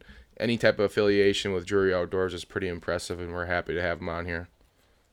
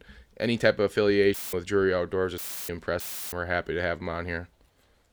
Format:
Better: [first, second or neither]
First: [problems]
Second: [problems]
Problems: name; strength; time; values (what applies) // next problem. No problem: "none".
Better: first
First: none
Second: audio cutting out; filled with static; at 1.5 s, at 2.5 s and at 3 s